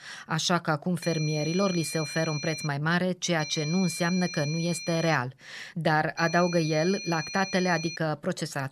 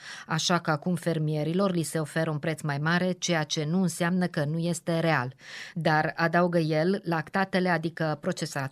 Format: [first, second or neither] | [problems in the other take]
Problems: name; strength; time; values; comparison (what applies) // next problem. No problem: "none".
second | high-pitched whine; loud; from 1 to 2.5 s, from 3.5 to 5 s and from 6 to 8 s; 2.5 kHz, 8 dB below the speech